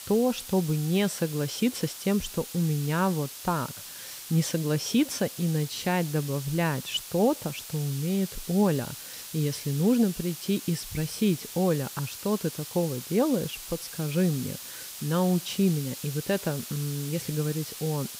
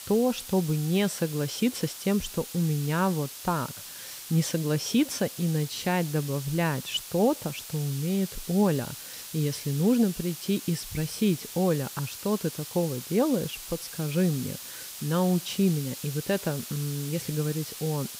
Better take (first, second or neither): neither